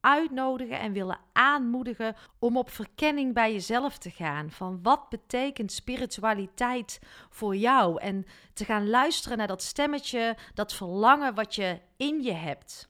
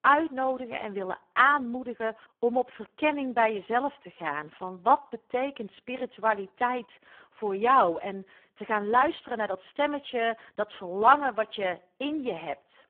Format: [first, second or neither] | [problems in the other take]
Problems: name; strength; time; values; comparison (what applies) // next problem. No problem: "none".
first | phone-call audio; poor line